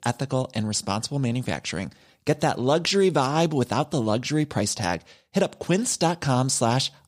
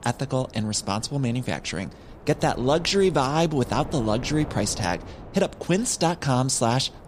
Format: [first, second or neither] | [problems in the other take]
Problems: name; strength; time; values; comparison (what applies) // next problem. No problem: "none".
first | wind noise on the microphone; occasional gusts; 20 dB below the speech